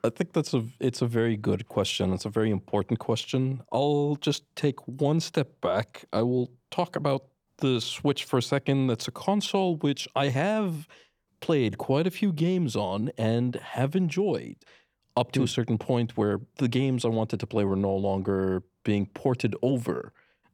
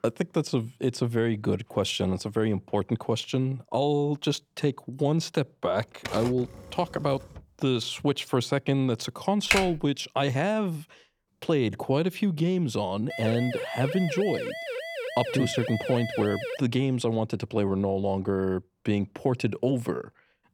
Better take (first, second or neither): first